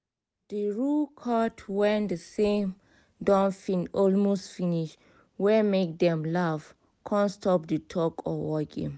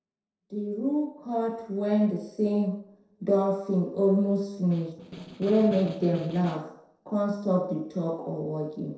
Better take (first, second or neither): first